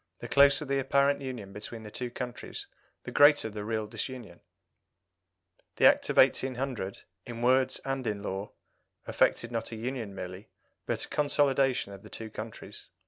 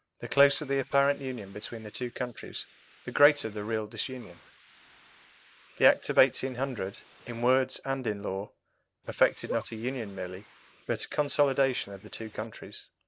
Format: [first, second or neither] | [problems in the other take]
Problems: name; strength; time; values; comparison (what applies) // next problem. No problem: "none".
first | noise reduction (neural mask model Resemble Enhance denoiser)